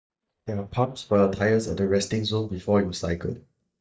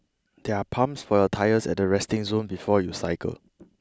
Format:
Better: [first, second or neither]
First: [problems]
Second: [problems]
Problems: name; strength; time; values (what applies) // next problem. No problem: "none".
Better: second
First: noise reduction (neural mask model DeepFilterNet 3)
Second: none